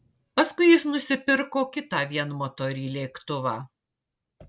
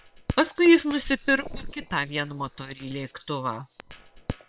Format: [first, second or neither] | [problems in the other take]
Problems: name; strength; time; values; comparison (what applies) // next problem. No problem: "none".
first | noise reduction (neural separator model SepFormer WHAM!)